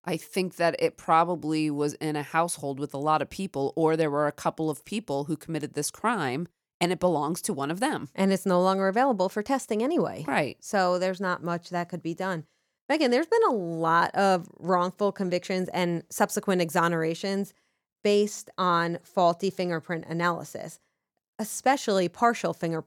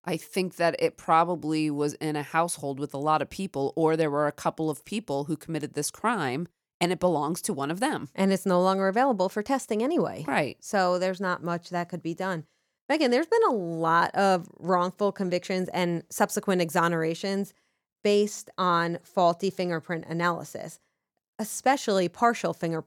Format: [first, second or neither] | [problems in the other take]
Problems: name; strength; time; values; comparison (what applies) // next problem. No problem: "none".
neither | none